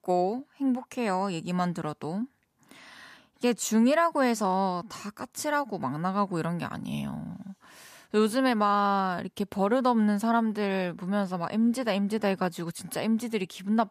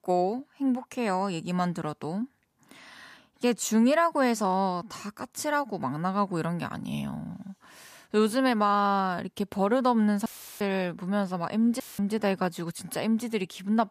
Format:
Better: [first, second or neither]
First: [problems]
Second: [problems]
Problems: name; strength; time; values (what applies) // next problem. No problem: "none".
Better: first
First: none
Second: audio cutting out; filled with static; at 10 s and at 12 s